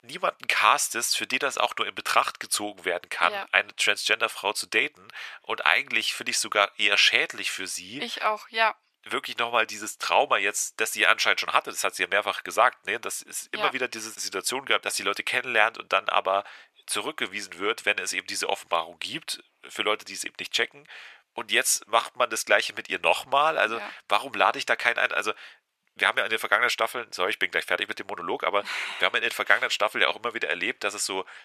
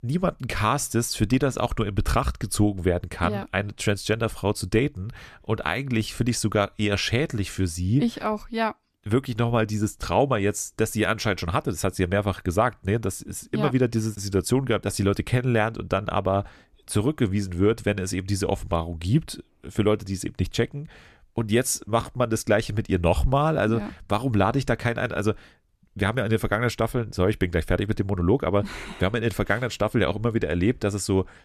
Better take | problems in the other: second | thin; very; fading below 800 Hz

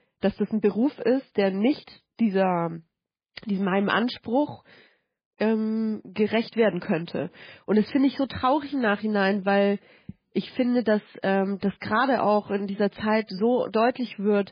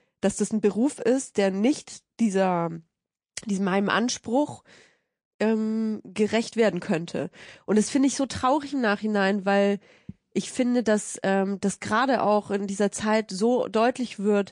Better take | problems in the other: second | garbled, watery; badly; nothing above 5 kHz; slightly in the second

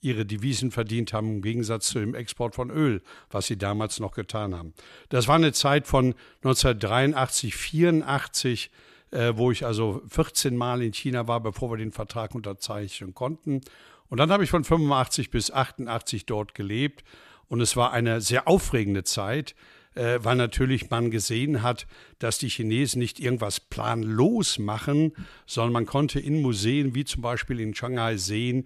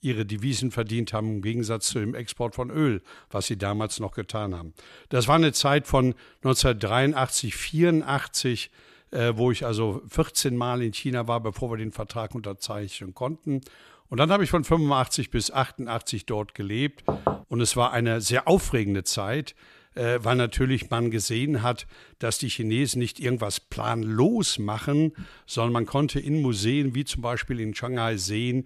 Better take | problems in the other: first | door banging; noticeable; at 17 s; peak 2 dB below the speech

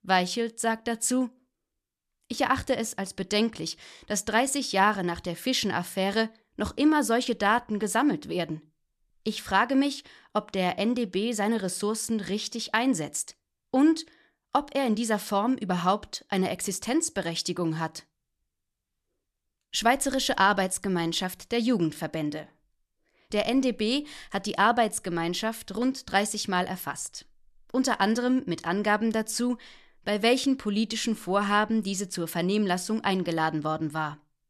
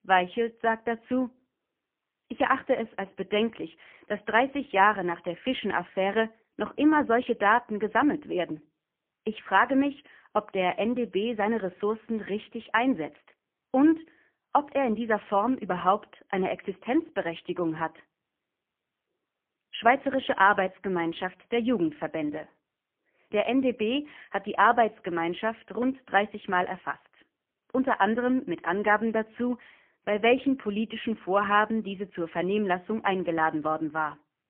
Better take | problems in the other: first | phone-call audio; poor line; nothing above 3.5 kHz

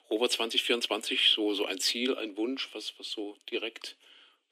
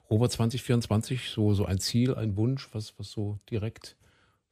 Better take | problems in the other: second | thin; somewhat; fading below 250 Hz

